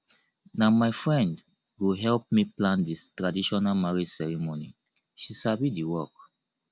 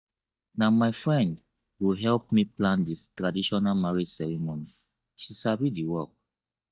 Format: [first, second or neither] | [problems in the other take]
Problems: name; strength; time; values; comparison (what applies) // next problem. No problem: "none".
first | noise reduction (neural mask model DeepFilterNet 3)